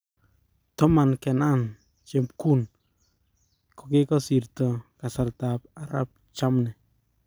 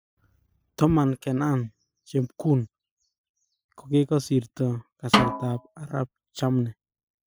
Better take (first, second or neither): first